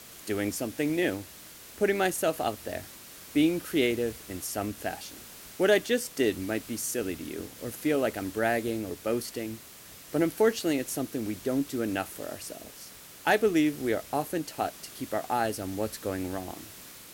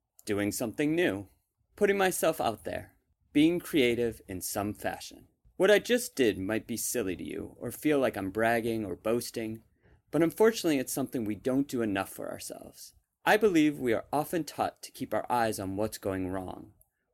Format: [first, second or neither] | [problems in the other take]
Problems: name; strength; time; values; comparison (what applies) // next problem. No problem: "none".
second | hiss; noticeable; throughout; 15 dB below the speech